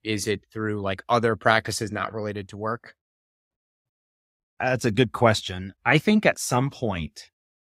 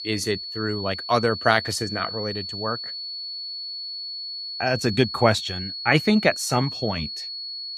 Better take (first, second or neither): first